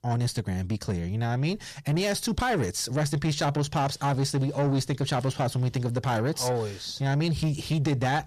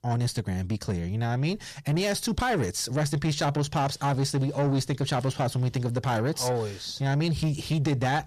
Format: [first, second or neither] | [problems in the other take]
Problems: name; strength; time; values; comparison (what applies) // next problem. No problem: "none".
neither | distortion; slight; 10 dB below the speech; the same in both